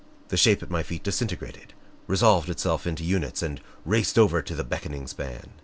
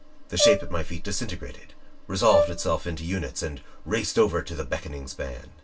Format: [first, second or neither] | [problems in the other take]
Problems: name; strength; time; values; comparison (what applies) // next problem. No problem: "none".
first | background sound (Brass instrument); 1 dB below the speech // room echo; dies away in 0.1 s